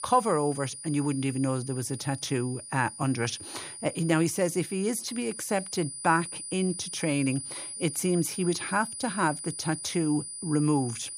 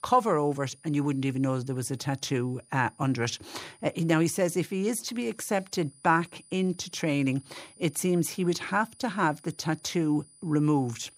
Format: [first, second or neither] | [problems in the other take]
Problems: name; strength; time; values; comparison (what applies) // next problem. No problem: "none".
second | high-pitched whine; loud; throughout; 9.5 kHz, 8 dB below the speech; faint in the second